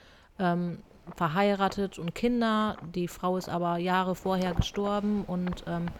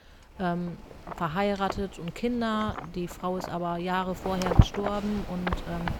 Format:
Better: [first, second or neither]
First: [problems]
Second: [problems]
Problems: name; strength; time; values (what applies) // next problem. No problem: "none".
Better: first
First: wind noise on the microphone; occasional gusts; 15 dB below the speech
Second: wind noise on the microphone; heavy; 5 dB below the speech